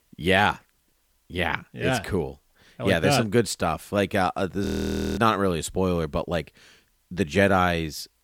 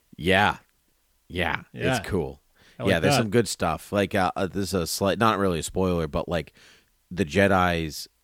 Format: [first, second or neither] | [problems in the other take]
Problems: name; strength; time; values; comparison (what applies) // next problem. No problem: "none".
second | audio freezing; at 4.5 s for 0.5 s